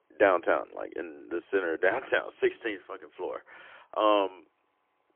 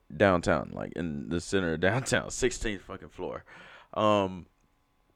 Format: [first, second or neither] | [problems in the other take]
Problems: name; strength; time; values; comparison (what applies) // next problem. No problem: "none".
second | phone-call audio; poor line; nothing above 3.5 kHz